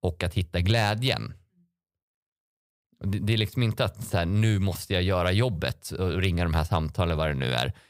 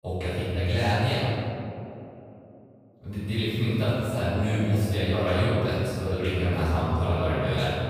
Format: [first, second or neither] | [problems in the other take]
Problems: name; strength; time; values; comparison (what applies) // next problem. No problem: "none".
first | off-mic speech; far // room echo; strong; dies away in 2.6 s